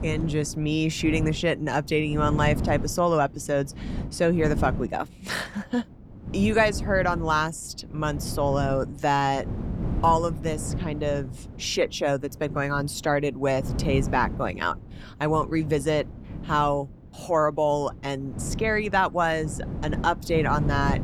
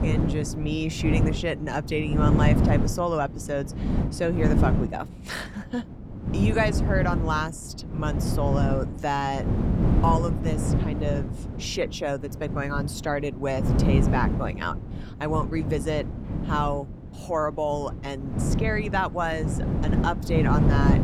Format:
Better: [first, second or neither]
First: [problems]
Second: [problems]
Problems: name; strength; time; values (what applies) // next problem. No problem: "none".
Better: first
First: wind noise on the microphone; occasional gusts; 15 dB below the speech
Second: wind noise on the microphone; heavy; 6 dB below the speech